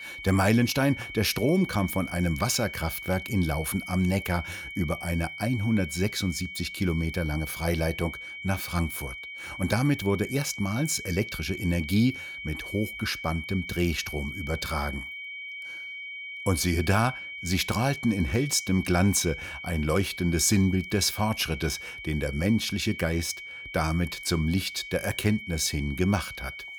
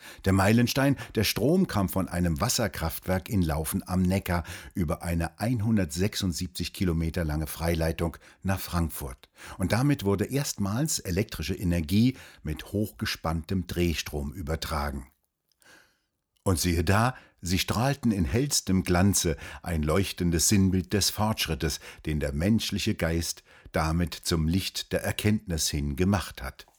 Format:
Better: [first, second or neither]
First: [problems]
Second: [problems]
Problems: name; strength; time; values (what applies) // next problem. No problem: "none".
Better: second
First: high-pitched whine; loud; throughout; 2.5 kHz, 10 dB below the speech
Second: none